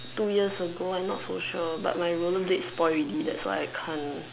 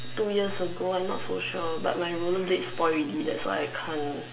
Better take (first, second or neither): first